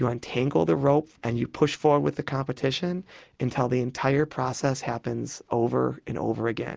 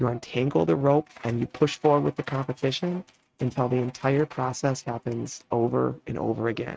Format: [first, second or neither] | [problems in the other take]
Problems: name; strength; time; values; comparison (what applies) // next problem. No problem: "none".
first | noise reduction (neural mask model RNNoise)